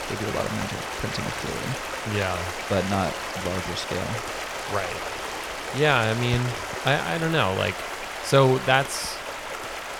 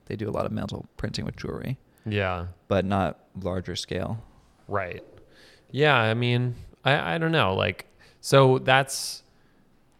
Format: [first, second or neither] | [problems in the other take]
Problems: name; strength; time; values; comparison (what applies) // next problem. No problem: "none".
second | rain or running water; loud; throughout; 5 dB below the speech